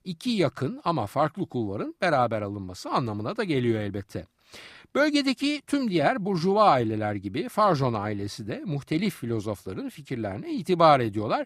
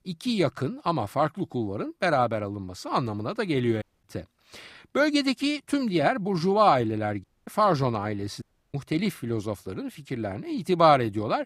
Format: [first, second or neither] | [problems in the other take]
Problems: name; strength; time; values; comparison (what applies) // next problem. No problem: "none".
first | audio cutting out; at 4 s, at 7 s and at 8.5 s